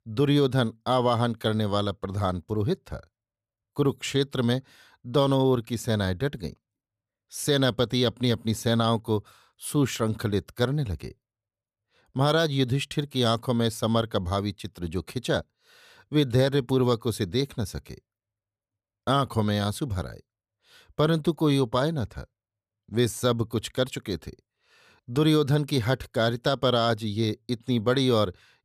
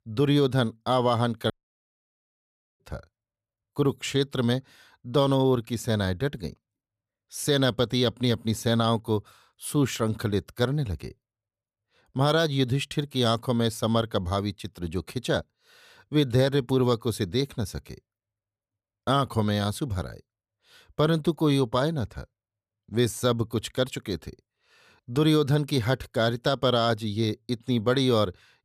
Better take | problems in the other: first | audio cutting out; at 1.5 s for 1.5 s

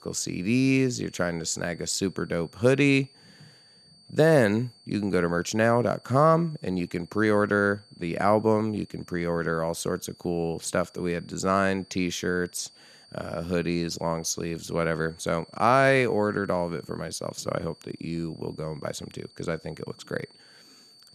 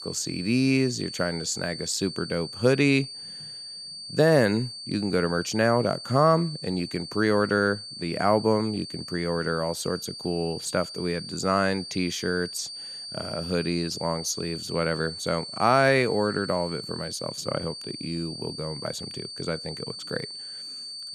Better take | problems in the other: first | high-pitched whine; loud; throughout; 4.5 kHz, 10 dB below the speech; faint in the first

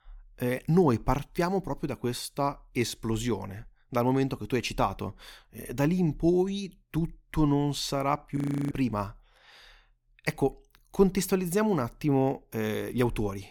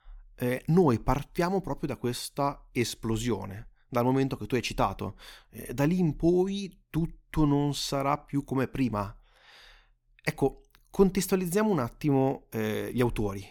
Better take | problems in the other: second | audio freezing; at 8.5 s

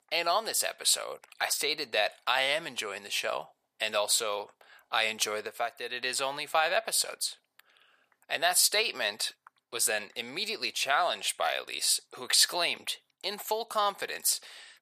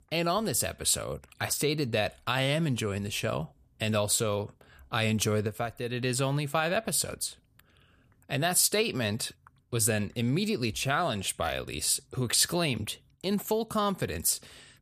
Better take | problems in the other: second | thin; very; fading below 650 Hz

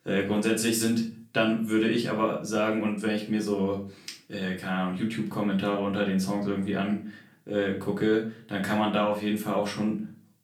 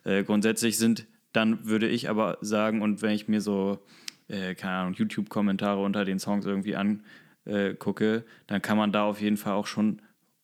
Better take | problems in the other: second | room echo; slight; dies away in 0.4 s // off-mic speech; far

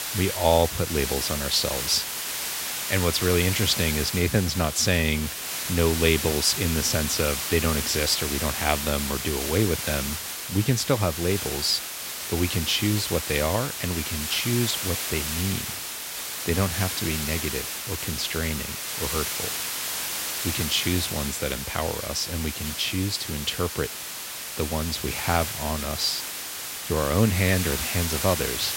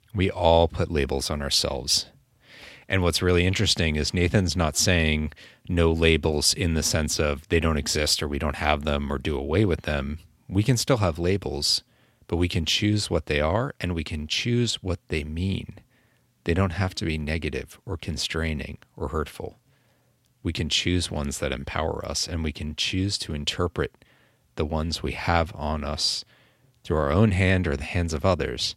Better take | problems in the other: second | hiss; loud; throughout; 3 dB below the speech

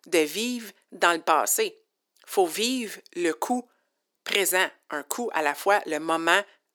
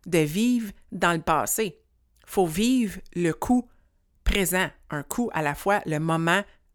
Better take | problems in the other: second | thin; somewhat; fading below 300 Hz

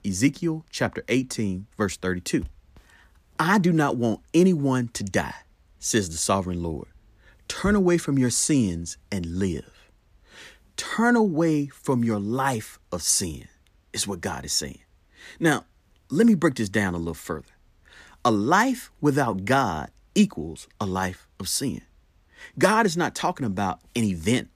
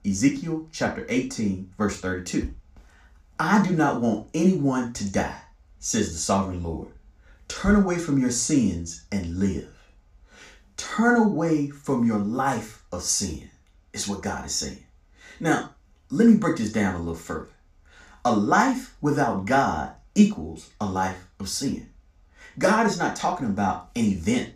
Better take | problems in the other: first | room echo; slight; dies away in 0.3 s // off-mic speech; somewhat distant

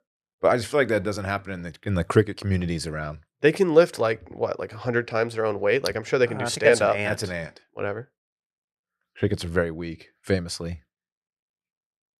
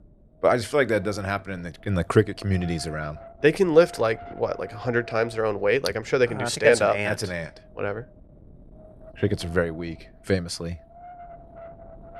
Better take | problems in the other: first | wind noise on the microphone; occasional gusts; 20 dB below the speech

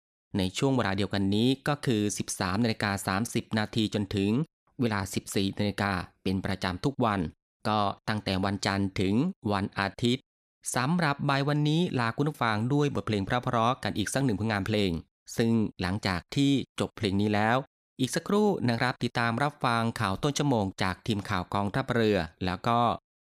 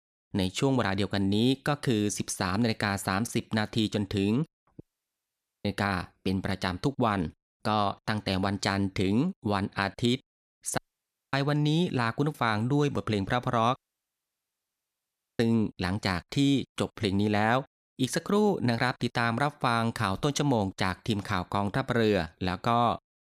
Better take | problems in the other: first | audio cutting out; at 5 s for 1 s, at 11 s for 0.5 s and at 14 s for 1.5 s

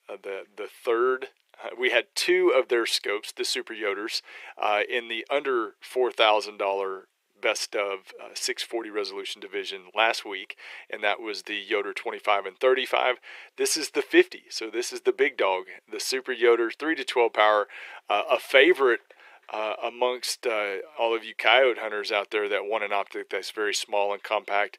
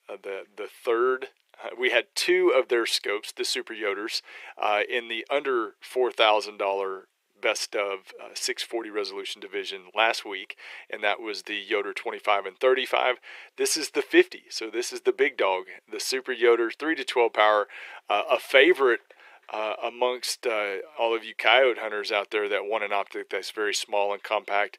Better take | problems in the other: neither | thin; very; fading below 350 Hz; the same in both

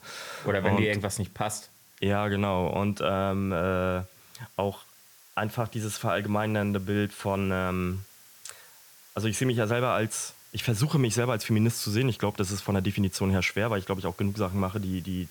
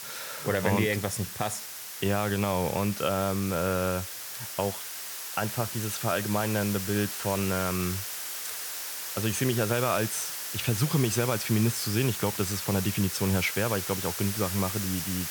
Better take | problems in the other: first | hiss; loud; throughout; 4 dB below the speech; faint in the first

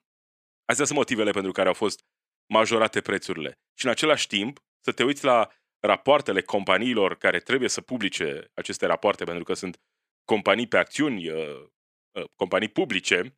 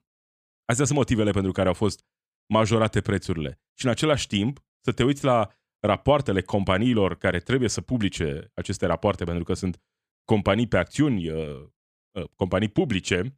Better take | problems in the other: second | thin; somewhat; fading below 300 Hz

